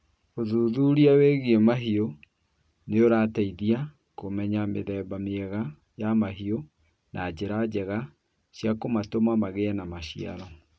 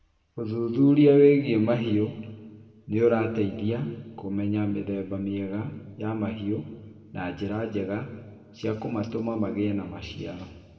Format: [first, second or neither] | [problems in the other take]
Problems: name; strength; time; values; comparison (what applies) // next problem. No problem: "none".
first | room echo; dies away in 1.5 s